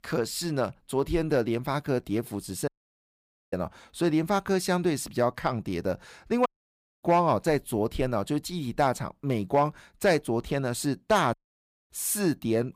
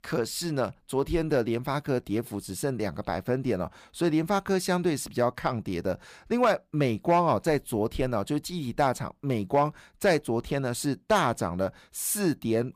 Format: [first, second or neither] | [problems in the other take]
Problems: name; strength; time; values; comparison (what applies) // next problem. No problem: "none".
second | audio cutting out; at 2.5 s for 1 s, at 6.5 s for 0.5 s and at 11 s for 0.5 s